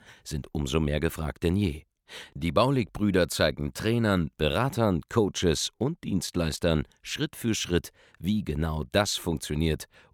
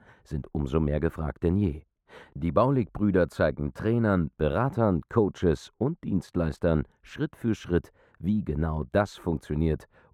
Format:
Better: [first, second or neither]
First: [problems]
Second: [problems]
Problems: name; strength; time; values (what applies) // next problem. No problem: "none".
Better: first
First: none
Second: muffled; very; fading above 2 kHz